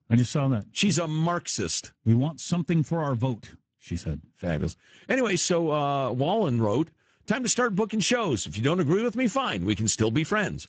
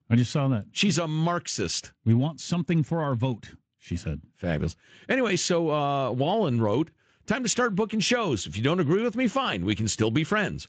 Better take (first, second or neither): second